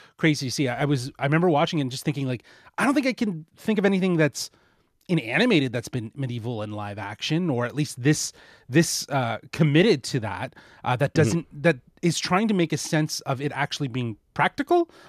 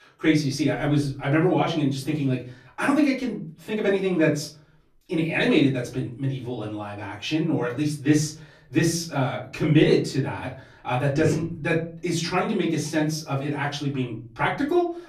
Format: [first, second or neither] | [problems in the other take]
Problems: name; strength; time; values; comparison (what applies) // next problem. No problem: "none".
first | off-mic speech; far // room echo; slight; dies away in 0.3 s